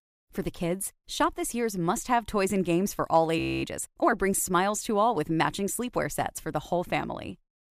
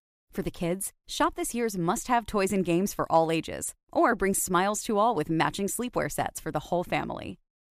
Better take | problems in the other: second | audio freezing; at 3.5 s

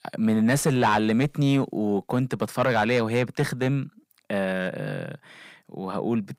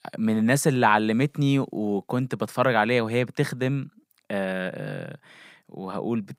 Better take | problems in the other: second | distortion; slight; 10 dB below the speech

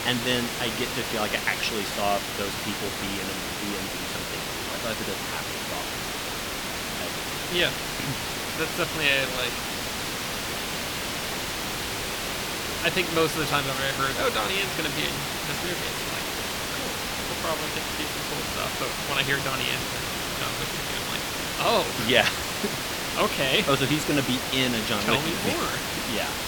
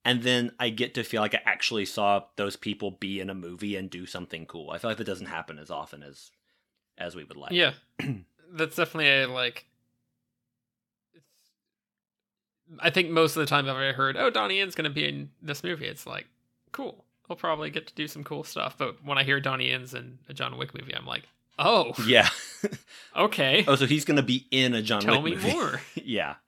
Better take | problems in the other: second | hiss; loud; throughout; 1 dB below the speech

